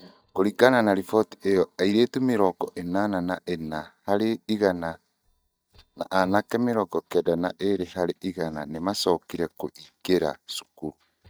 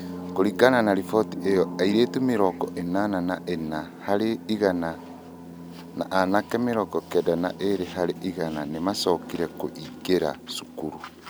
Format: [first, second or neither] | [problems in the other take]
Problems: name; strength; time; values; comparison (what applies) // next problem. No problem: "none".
second | noise reduction (neural mask model DeepFilterNet 3)